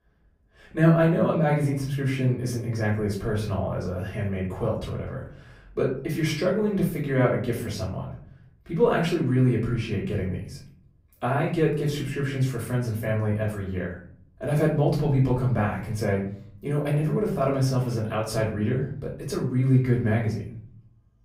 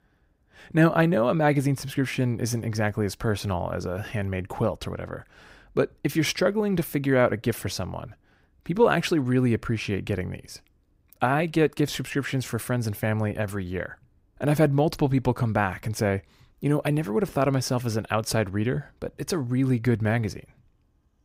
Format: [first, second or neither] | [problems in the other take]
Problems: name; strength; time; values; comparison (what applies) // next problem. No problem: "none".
second | off-mic speech; far // room echo; slight; dies away in 0.6 s